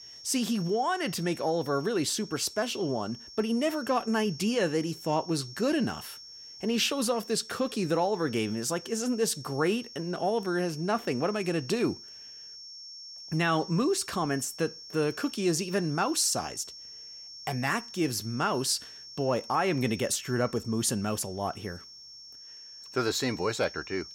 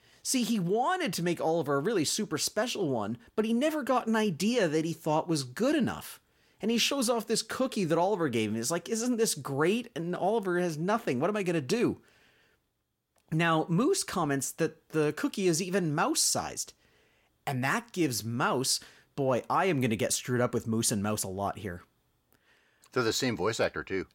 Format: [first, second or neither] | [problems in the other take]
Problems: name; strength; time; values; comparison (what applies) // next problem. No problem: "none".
second | high-pitched whine; noticeable; throughout; 5.5 kHz, 15 dB below the speech